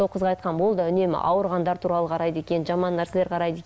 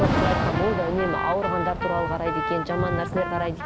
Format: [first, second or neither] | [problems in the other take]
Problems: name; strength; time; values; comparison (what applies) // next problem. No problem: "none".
first | background sound (Thunder / Rain + Trumpet); as loud as the speech